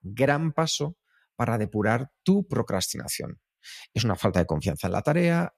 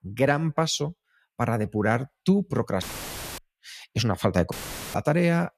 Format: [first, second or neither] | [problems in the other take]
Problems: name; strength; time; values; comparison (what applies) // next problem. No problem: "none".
first | audio cutting out; filled with static; at 3 s for 0.5 s and at 4.5 s